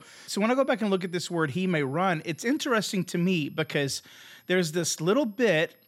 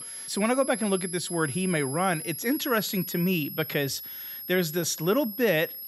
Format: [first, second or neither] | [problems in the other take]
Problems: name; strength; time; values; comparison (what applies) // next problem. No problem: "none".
first | high-pitched whine; loud; throughout; 11 kHz, 8 dB below the speech; faint in the first